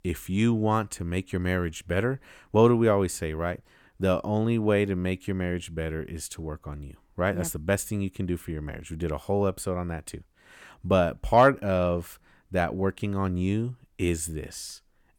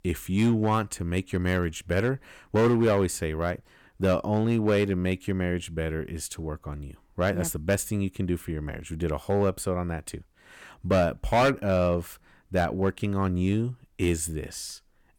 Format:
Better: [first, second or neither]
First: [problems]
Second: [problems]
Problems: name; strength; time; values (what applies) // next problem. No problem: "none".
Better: first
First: none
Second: distortion; slight; 3% of the sound clipped